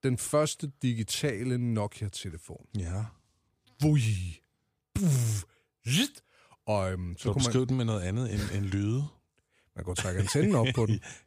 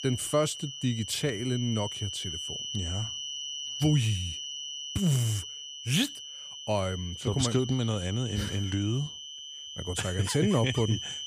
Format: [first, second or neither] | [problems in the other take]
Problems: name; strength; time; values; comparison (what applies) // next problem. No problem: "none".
first | high-pitched whine; loud; throughout; 3 kHz, 7 dB below the speech